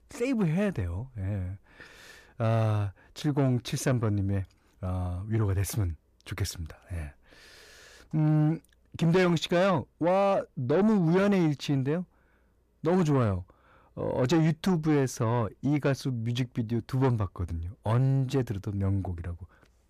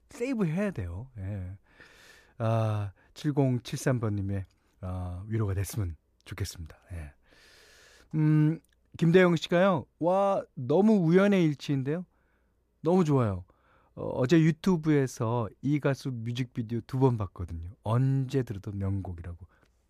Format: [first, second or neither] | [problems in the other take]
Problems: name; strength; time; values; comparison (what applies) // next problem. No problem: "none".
second | distortion; slight; 10 dB below the speech